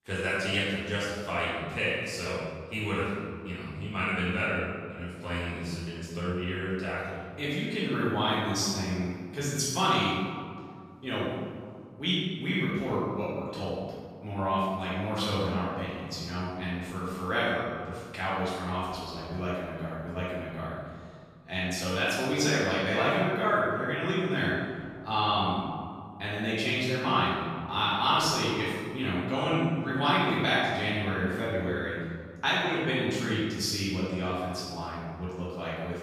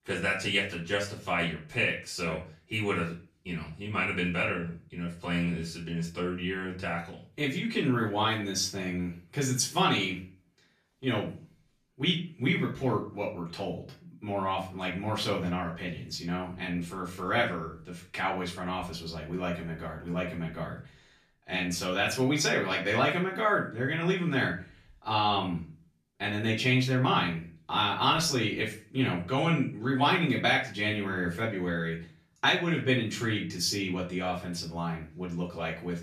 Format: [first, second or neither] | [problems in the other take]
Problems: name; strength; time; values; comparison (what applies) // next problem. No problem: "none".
second | room echo; strong; dies away in 1.7 s; slight in the second // off-mic speech; far; far in the second